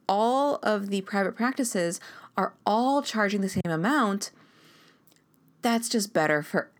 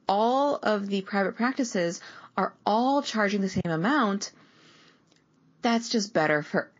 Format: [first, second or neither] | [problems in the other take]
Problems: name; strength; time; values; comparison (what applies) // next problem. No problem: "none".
first | garbled, watery; slightly